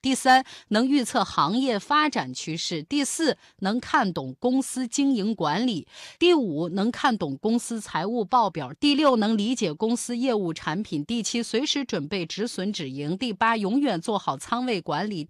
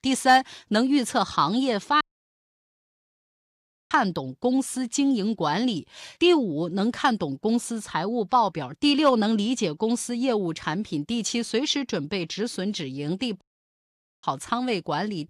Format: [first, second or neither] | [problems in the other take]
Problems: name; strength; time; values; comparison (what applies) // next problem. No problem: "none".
first | audio cutting out; at 2 s for 2 s and at 13 s for 1 s